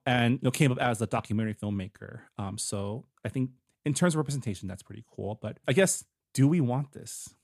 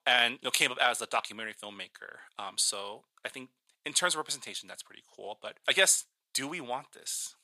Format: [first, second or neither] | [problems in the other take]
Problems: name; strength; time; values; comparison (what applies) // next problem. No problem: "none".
first | thin; very; fading below 850 Hz